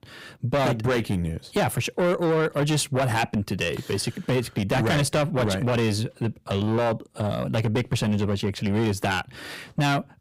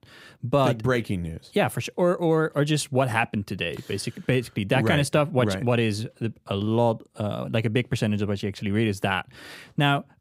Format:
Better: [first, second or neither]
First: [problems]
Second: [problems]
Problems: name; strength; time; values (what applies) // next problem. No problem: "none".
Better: second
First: distortion; heavy; 7 dB below the speech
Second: none